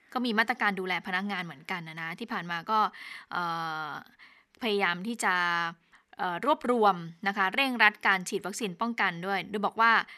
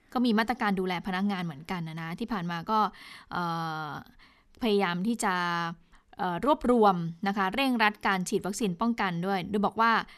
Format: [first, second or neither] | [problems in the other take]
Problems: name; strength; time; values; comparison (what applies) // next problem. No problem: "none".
second | thin; very slightly; fading below 600 Hz